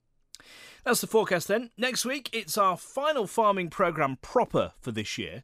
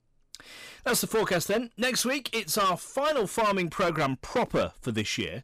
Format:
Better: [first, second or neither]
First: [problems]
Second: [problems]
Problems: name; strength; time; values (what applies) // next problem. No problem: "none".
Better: first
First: none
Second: distortion; heavy; 11% of the sound clipped